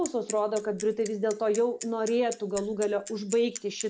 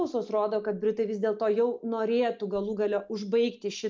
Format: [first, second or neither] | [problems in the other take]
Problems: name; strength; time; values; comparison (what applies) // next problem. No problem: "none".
second | background sound (Bicycle); 15 dB below the speech